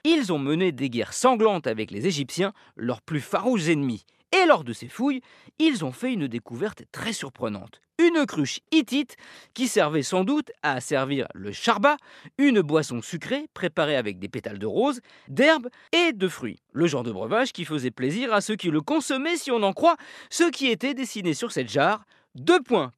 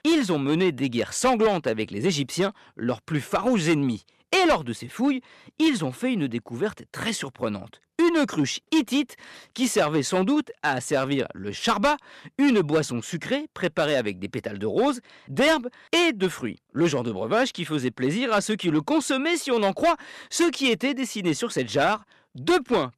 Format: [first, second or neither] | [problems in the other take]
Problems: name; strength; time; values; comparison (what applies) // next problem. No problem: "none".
first | distortion; slight; 5% of the sound clipped